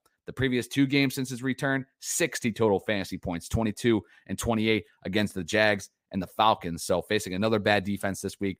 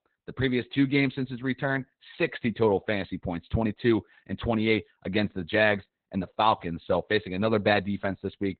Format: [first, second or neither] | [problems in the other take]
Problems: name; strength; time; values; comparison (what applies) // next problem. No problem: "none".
first | garbled, watery; badly; nothing above 4 kHz